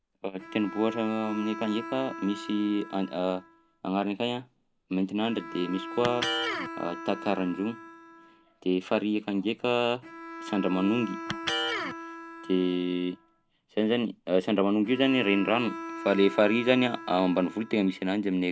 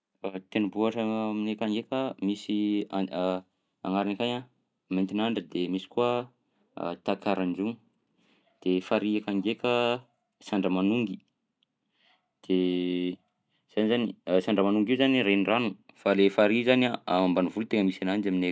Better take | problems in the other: second | background sound (Bowed string instrument + Electric guitar); 11 dB below the speech

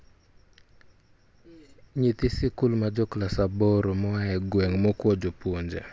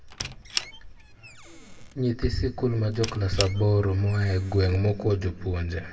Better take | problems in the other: first | background sound (Squeak); 14 dB below the speech // room echo; dies away in 0.8 s

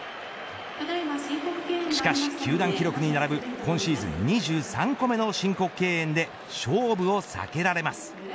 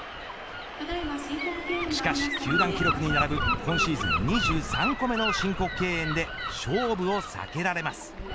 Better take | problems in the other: first | background sound (Gull, seagull / Wind); 2 dB below the speech

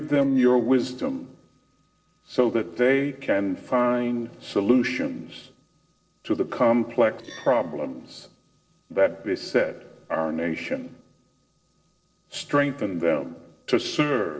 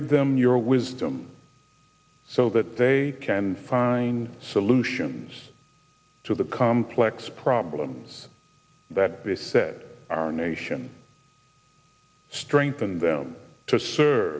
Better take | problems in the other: second | noise reduction (neural separator model SepFormer DNS4)

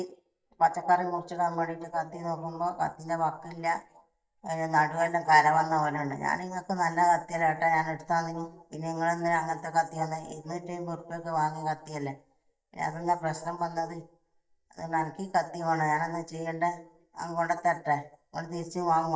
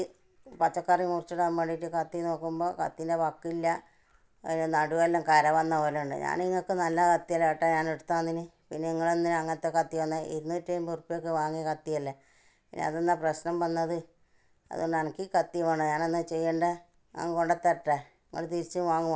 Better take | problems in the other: second | noise reduction (neural mask model DeepFilterNet 3)

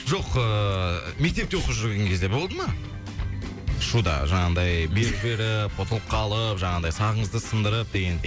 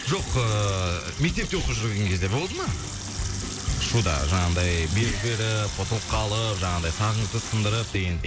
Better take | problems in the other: first | background sound (Sink (filling or washing) / Water tap, faucet); 11 dB below the speech

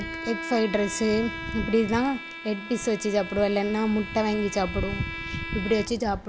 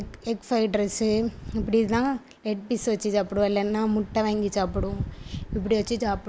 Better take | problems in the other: second | background sound (Bowed string instrument); 10 dB below the speech

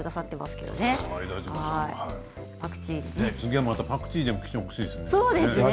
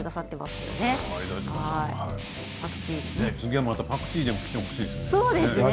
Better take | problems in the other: first | background sound (Guitar); 9 dB below the speech

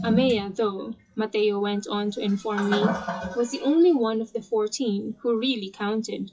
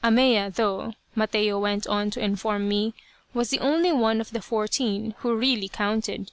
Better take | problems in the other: second | noise reduction (classical method WPE with log-MMSE)

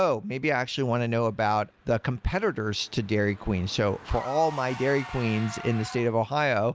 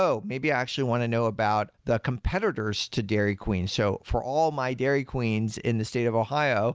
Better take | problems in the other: second | background sound (Engine / Car); 18 dB below the speech

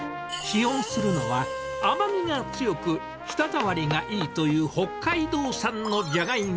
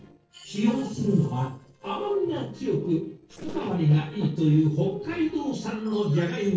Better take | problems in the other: first | noise reduction (neural separator model SepFormer DNS4)

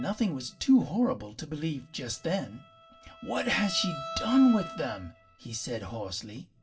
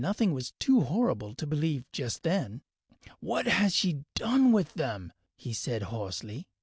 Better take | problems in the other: second | background sound (Bowed string instrument); 15 dB below the speech // room echo; dies away in 0.2 s

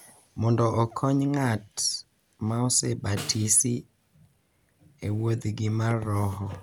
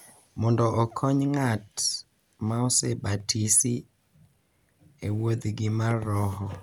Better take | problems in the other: second | background sound (Snare drum); 17 dB below the speech

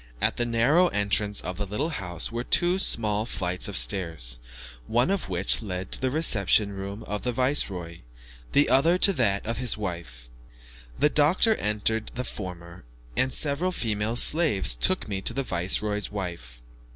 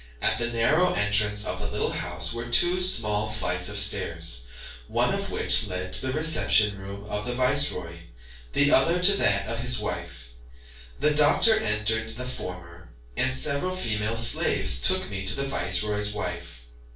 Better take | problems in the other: first | room echo; dies away in 0.3 s

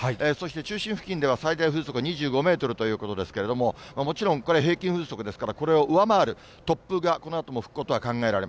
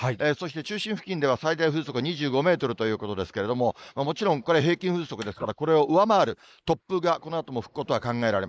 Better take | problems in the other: first | noise reduction (neural mask model Resemble Enhance denoiser)

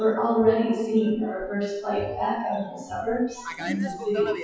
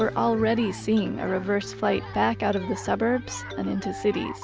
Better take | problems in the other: second | noise reduction (classical method WPE with log-MMSE)

